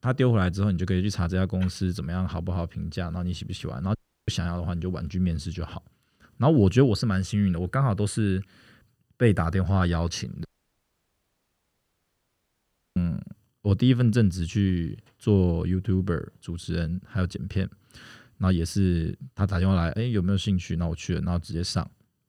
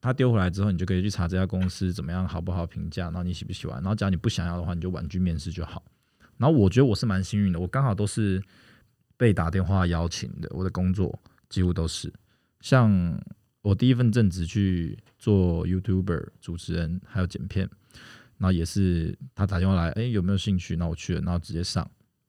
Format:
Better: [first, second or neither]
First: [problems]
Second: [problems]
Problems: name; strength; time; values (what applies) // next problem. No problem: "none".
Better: second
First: audio cutting out; at 4 s and at 10 s for 2.5 s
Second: none